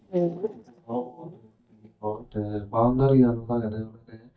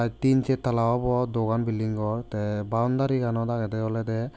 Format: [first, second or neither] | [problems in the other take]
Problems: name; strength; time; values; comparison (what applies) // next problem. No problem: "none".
second | noise reduction (neural mask model DeepFilterNet 3)